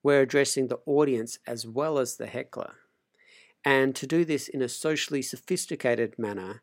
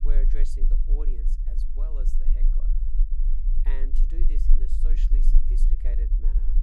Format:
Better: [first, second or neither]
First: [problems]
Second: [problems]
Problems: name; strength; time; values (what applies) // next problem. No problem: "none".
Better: first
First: none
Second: low rumble; loud; throughout; 3 dB below the speech